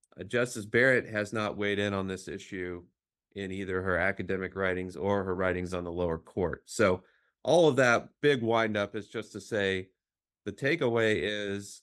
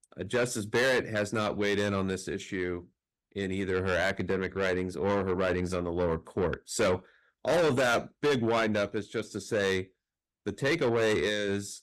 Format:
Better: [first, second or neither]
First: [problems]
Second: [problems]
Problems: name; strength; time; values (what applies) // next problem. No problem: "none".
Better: first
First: none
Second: distortion; heavy; 6 dB below the speech